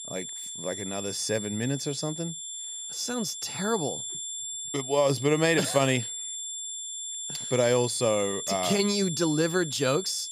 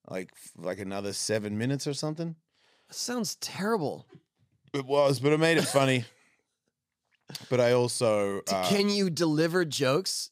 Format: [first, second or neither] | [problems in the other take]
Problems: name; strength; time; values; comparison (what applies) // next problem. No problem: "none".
second | high-pitched whine; loud; throughout; 7.5 kHz, 6 dB below the speech